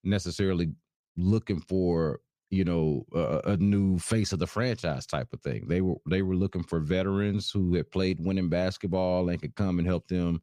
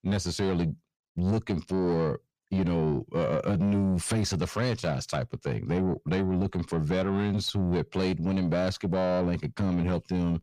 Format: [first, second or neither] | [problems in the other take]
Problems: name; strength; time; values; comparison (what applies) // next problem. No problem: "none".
first | distortion; slight; 10 dB below the speech